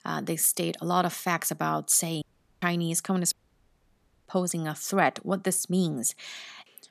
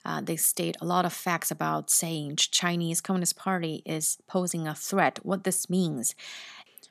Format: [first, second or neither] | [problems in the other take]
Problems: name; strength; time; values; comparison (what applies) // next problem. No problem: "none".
second | audio cutting out; at 2 s and at 3.5 s for 1 s